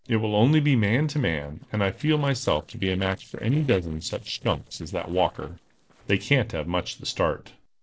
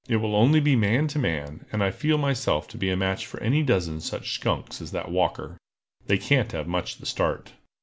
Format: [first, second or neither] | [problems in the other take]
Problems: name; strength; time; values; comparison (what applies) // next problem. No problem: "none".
second | noise reduction (neural separator model SepFormer DNS4)